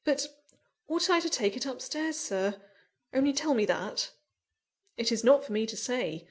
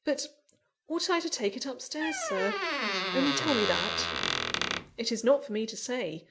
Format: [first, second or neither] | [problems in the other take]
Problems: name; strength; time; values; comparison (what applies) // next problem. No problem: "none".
first | background sound (Squeak); as loud as the speech